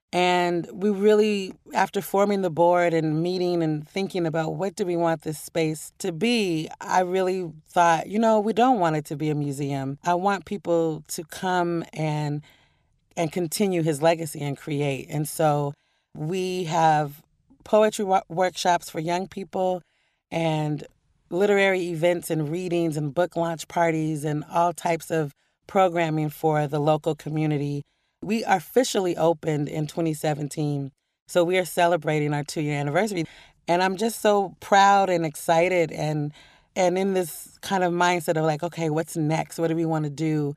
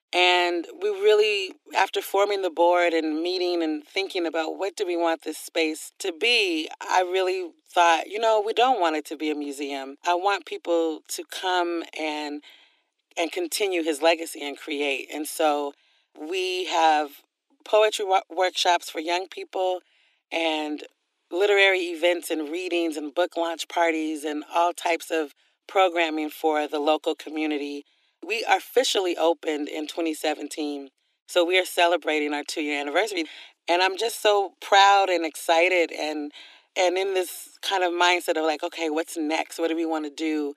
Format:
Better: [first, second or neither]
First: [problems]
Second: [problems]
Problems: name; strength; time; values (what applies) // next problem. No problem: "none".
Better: first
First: none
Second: thin; somewhat; fading below 300 Hz